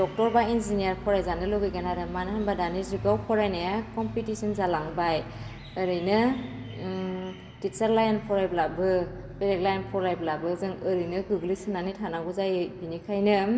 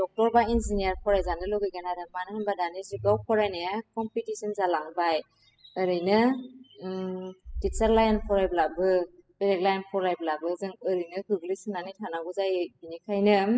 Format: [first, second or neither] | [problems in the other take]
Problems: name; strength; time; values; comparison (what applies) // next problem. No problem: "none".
first | noise reduction (classical method spectral subtraction)